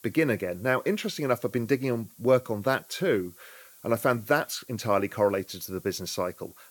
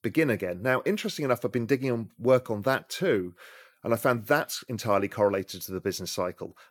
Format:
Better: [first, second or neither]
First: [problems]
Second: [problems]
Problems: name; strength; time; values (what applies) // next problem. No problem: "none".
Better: second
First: hiss; faint; throughout; 25 dB below the speech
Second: none